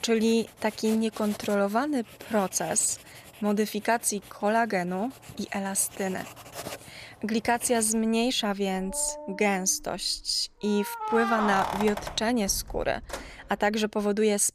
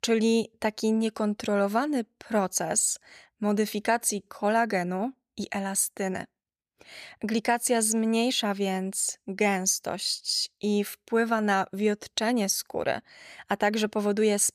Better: second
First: household noises; noticeable; throughout; 10 dB below the speech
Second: none

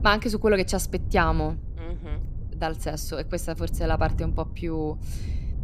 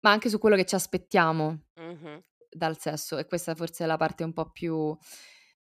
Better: second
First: wind noise on the microphone; occasional gusts; 20 dB below the speech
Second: none

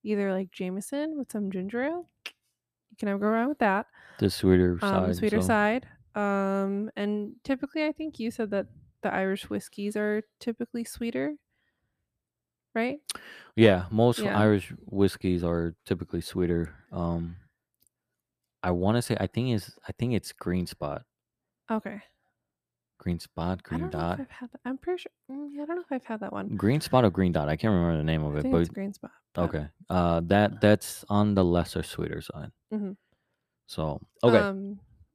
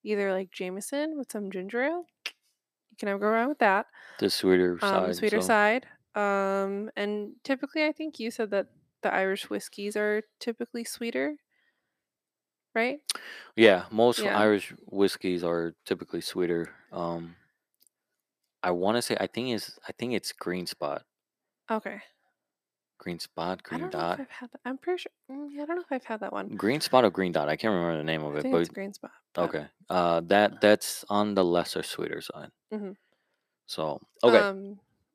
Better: first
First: none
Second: thin; somewhat; fading below 300 Hz

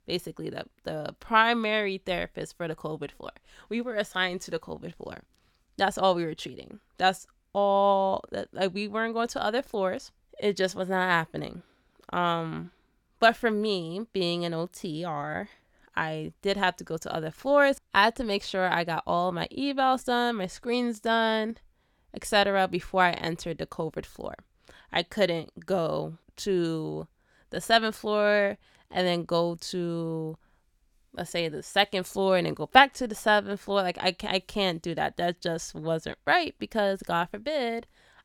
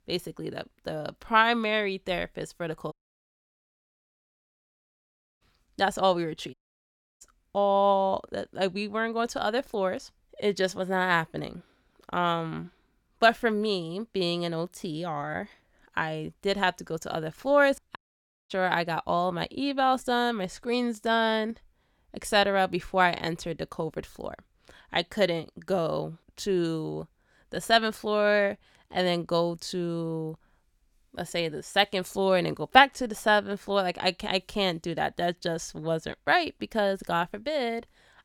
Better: first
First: none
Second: audio cutting out; at 3 s for 2.5 s, at 6.5 s for 0.5 s and at 18 s for 0.5 s

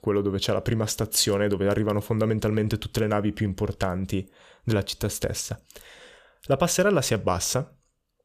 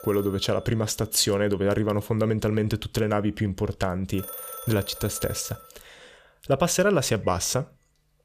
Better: first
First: none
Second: alarms or sirens; noticeable; throughout; 15 dB below the speech

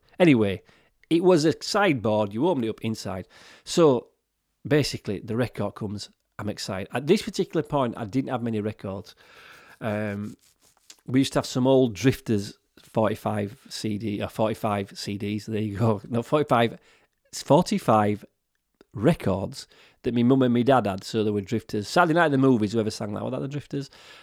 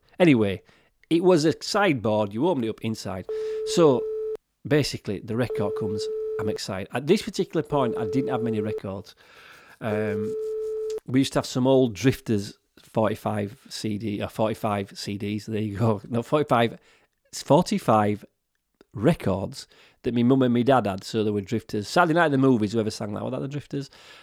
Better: first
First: none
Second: phone ringing; noticeable; from 3.5 to 11 s; peak 5 dB below the speech

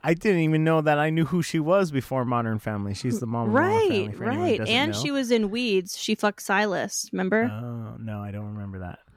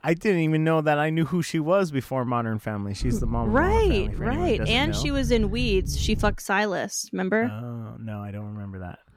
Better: first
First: none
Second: low rumble; noticeable; from 3 to 6.5 s; 20 dB below the speech

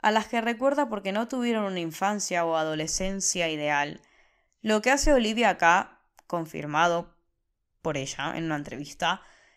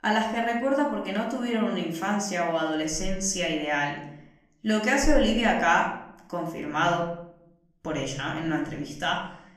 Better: first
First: none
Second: off-mic speech; somewhat distant // room echo; slight; dies away in 0.7 s

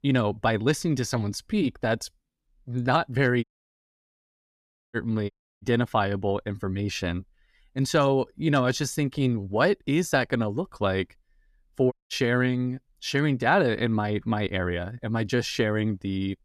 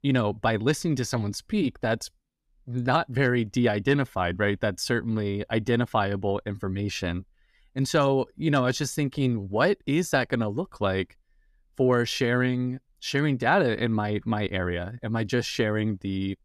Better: second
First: audio cutting out; at 3.5 s for 1.5 s, at 5.5 s and at 12 s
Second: none

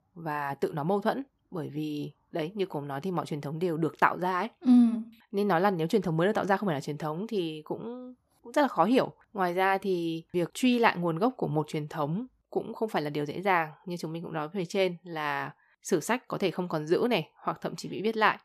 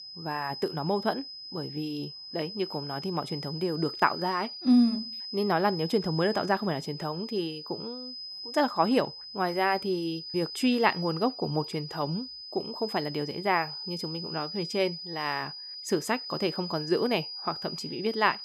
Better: first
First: none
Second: high-pitched whine; loud; throughout; 5 kHz, 8 dB below the speech

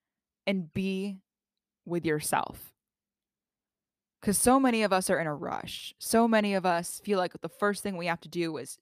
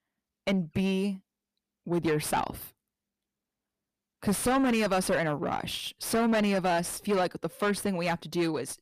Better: first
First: none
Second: distortion; heavy; 6 dB below the speech

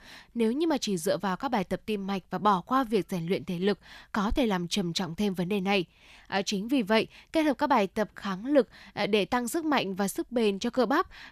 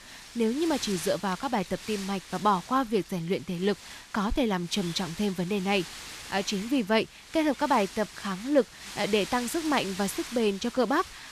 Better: first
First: none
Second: wind noise on the microphone; occasional gusts; 10 dB below the speech

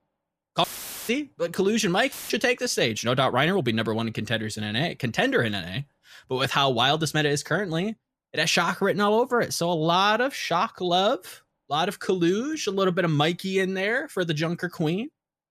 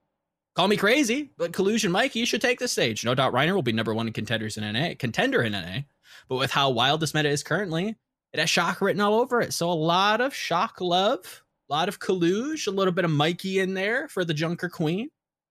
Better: second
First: audio cutting out; filled with static; at 0.5 s and at 2 s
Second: none

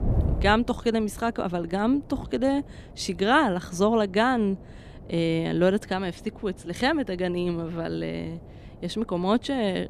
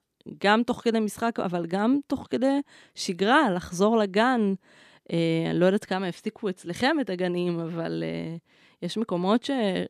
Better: second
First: wind noise on the microphone; occasional gusts; 20 dB below the speech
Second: none

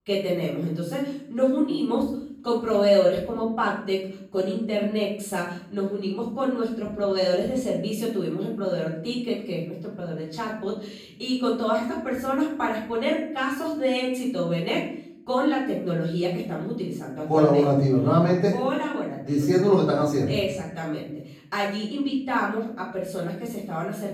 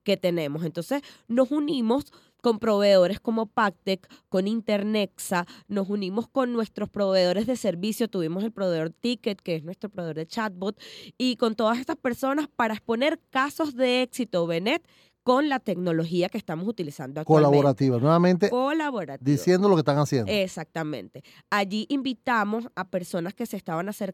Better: second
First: off-mic speech; far // room echo; noticeable; dies away in 0.6 s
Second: none

